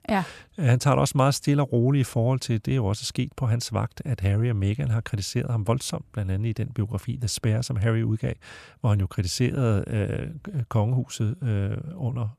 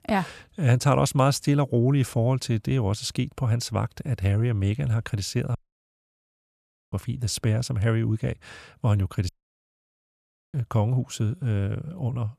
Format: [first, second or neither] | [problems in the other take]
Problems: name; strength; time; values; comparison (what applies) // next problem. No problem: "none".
first | audio cutting out; at 5.5 s for 1.5 s and at 9.5 s for 1.5 s